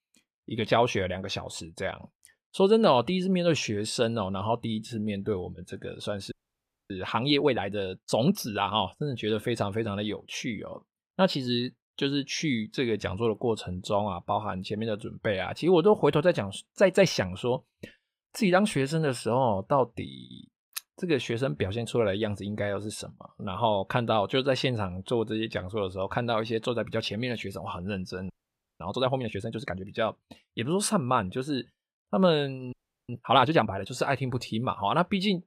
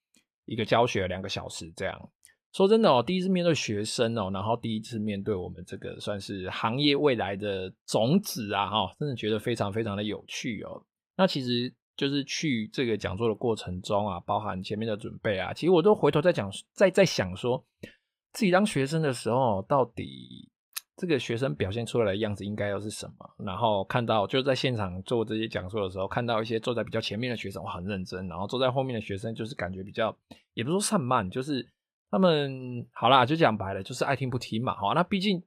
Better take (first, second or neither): second